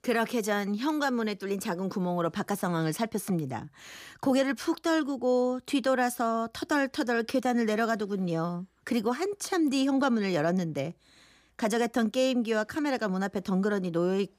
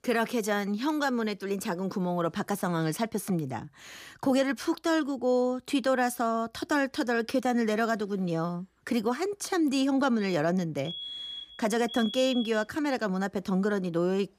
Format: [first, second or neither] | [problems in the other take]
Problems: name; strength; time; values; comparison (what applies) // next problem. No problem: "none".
first | alarm; noticeable; from 11 to 13 s; peak 7 dB below the speech